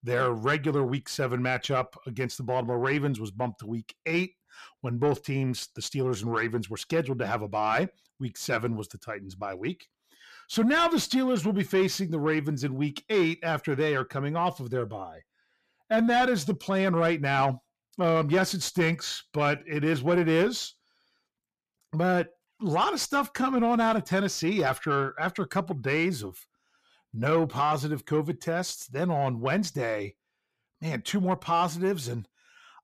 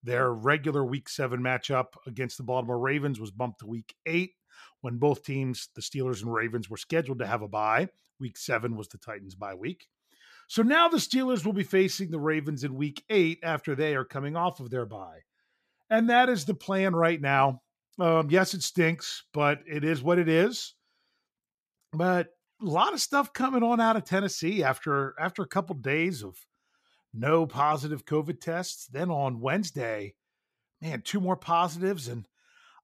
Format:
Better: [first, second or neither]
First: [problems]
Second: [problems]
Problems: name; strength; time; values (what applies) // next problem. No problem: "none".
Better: second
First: distortion; slight; 10 dB below the speech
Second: none